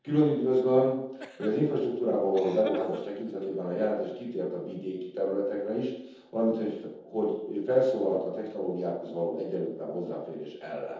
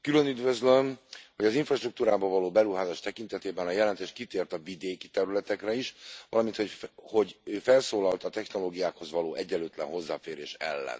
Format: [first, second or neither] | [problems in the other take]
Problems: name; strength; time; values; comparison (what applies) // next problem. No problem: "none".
second | noise reduction (neural separator model SepFormer DNS4)